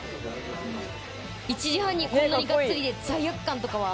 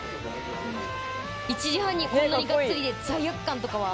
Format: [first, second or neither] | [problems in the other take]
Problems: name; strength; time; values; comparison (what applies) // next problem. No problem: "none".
first | background sound (Trumpet); 10 dB below the speech